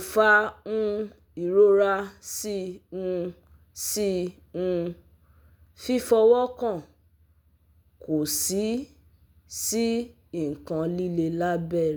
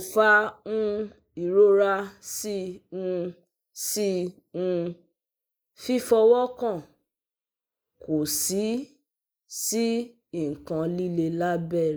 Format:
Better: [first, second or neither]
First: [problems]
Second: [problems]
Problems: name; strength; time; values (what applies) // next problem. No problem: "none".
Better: first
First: none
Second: noise reduction (neural mask model Resemble Enhance denoiser)